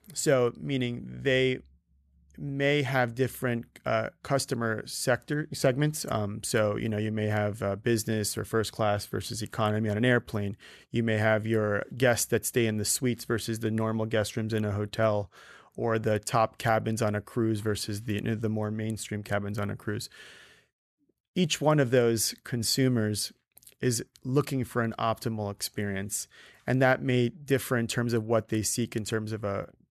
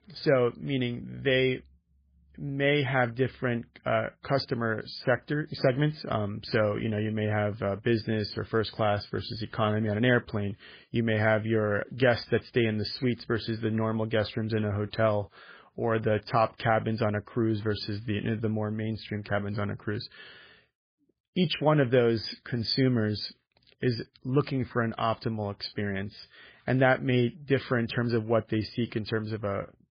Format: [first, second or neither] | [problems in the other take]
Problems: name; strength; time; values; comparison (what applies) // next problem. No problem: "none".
first | garbled, watery; badly; nothing above 4.5 kHz